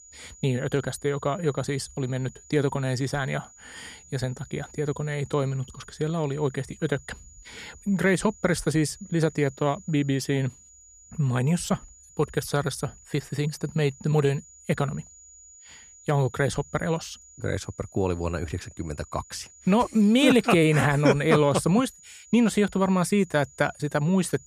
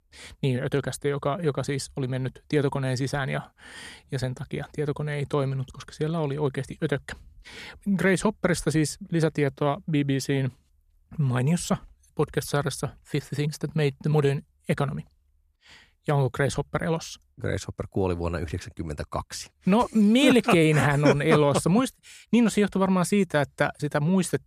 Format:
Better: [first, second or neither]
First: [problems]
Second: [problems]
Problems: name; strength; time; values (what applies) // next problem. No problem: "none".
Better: second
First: high-pitched whine; faint; throughout; 7 kHz, 25 dB below the speech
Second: none